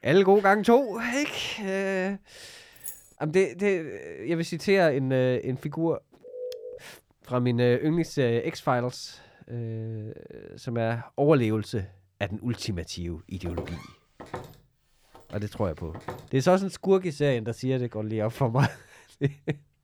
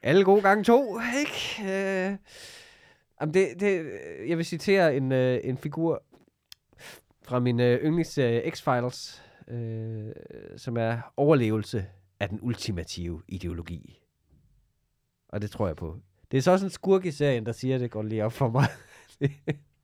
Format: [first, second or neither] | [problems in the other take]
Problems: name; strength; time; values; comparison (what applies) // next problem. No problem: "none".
second | jangling keys; faint; at 3 s; peak 10 dB below the speech // phone ringing; faint; at 6 s; peak 10 dB below the speech // footsteps; faint; from 13 to 16 s; peak 10 dB below the speech